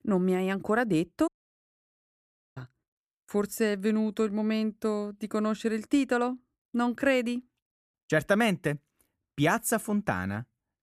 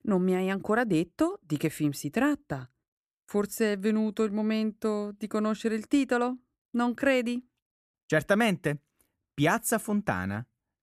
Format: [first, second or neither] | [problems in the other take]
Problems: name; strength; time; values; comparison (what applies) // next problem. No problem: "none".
second | audio cutting out; at 1.5 s for 1.5 s